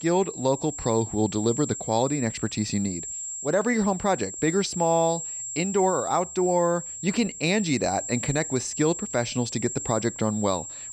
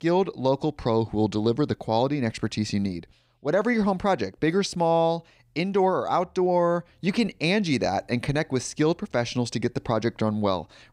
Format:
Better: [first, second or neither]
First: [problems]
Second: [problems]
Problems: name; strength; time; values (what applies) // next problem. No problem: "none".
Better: second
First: high-pitched whine; loud; throughout; 7.5 kHz, 7 dB below the speech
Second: none